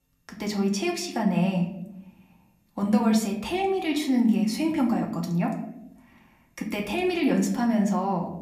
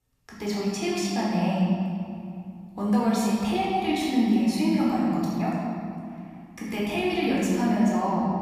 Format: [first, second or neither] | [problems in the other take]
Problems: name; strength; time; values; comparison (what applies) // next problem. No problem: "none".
first | room echo; strong; dies away in 2.4 s; slight in the first // off-mic speech; far; somewhat distant in the first